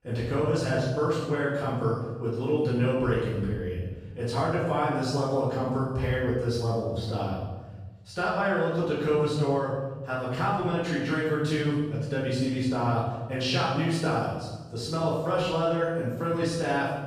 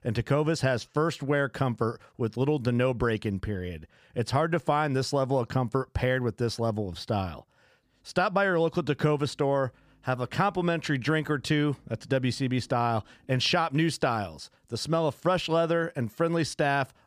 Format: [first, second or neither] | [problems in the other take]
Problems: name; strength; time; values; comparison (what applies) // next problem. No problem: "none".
second | off-mic speech; far // room echo; strong; dies away in 1.1 s